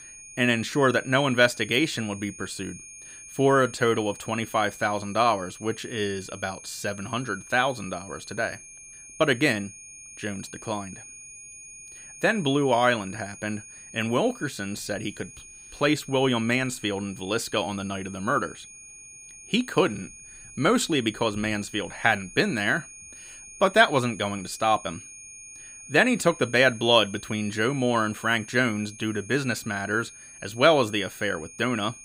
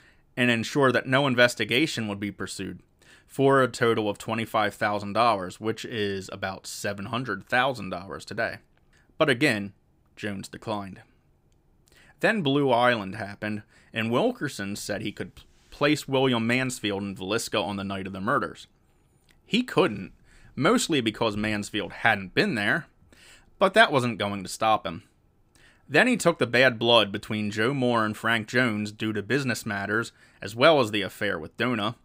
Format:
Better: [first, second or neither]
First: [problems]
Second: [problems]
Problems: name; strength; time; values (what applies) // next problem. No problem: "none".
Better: second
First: high-pitched whine; noticeable; throughout; 6.5 kHz, 15 dB below the speech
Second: none